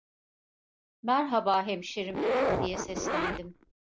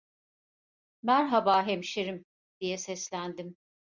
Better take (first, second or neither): second